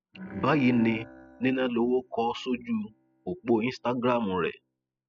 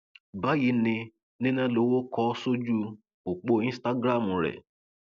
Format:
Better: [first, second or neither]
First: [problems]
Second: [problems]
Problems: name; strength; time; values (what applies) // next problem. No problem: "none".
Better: second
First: noise reduction (classical method spectral subtraction)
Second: none